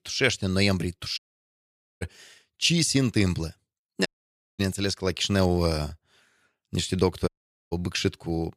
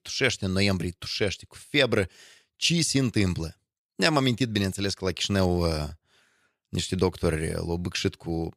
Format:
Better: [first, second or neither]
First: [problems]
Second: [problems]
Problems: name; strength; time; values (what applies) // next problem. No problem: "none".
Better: second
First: audio cutting out; at 1 s for 1 s, at 4 s for 0.5 s and at 7.5 s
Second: none